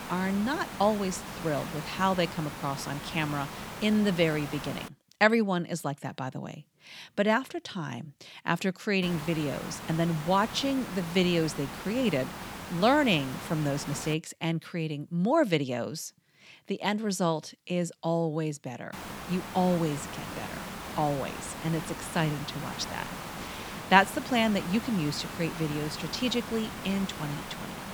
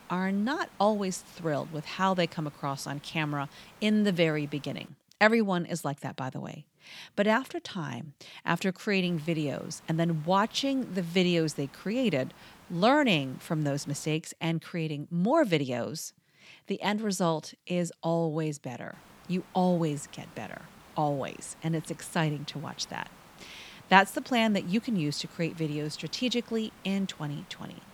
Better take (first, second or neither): second